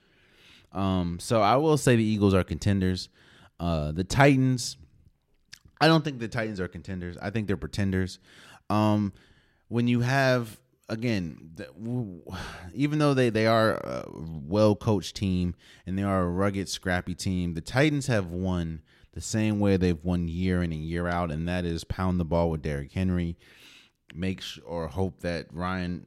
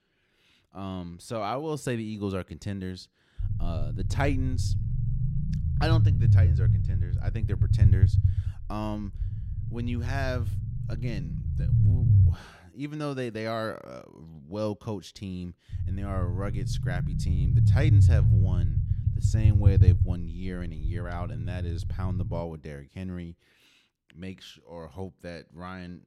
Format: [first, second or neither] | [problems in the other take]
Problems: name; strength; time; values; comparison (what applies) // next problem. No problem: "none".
first | low rumble; loud; from 3.5 to 12 s and from 16 to 22 s; 3 dB below the speech